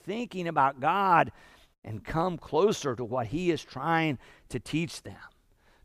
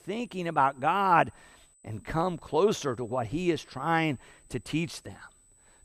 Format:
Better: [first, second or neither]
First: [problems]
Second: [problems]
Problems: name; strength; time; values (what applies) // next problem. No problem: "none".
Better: first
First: none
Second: high-pitched whine; faint; throughout; 8 kHz, 30 dB below the speech